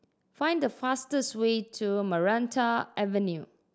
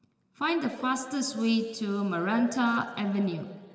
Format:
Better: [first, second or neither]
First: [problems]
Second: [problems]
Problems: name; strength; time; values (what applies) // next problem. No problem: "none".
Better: first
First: none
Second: room echo; dies away in 1.9 s